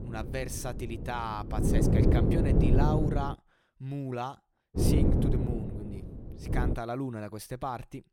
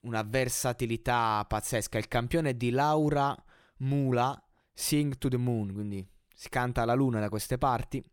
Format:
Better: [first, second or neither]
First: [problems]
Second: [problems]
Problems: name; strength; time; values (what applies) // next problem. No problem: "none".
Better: second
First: wind noise on the microphone; heavy; until 3.5 s and from 5 to 6.5 s; 2 dB above the speech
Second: none